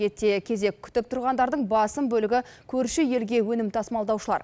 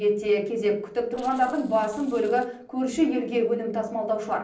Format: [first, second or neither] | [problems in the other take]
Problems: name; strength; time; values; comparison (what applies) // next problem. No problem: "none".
first | noise reduction (neural separator model SepFormer DNS4)